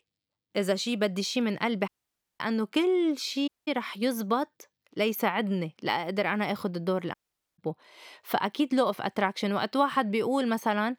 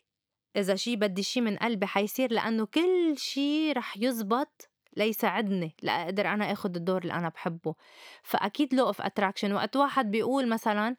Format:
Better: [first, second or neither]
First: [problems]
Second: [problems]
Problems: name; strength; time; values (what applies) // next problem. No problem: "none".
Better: second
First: audio cutting out; at 2 s for 0.5 s, at 3.5 s and at 7 s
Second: none